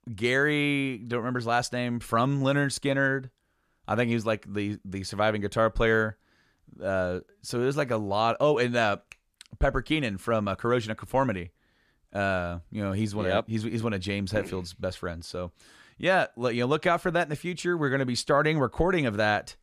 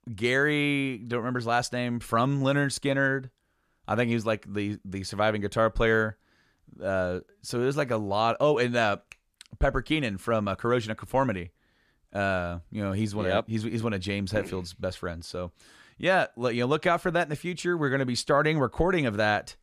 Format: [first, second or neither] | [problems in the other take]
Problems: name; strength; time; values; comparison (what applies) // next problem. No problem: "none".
neither | none